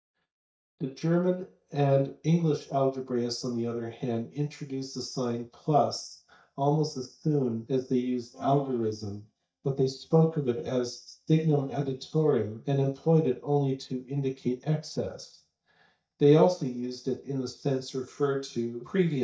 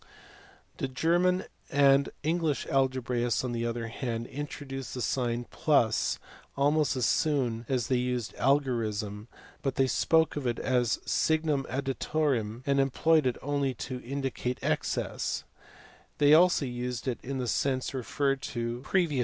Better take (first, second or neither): second